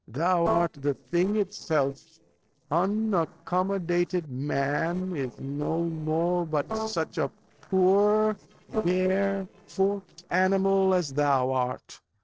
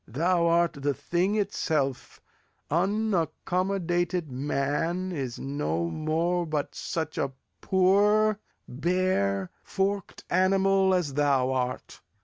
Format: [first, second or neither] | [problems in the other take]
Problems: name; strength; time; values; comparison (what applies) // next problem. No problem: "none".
second | noise reduction (neural separator model SepFormer DNS4)